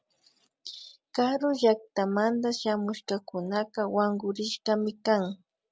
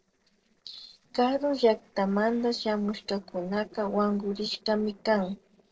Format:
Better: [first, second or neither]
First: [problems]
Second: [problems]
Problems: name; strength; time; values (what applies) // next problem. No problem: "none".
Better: first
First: none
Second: noise reduction (neural separator model SepFormer DNS4)